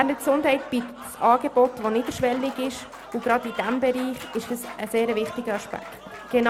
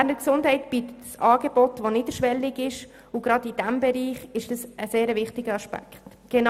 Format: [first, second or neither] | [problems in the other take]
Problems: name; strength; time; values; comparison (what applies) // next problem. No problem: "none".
second | background sound (Applause / Crowd); 15 dB below the speech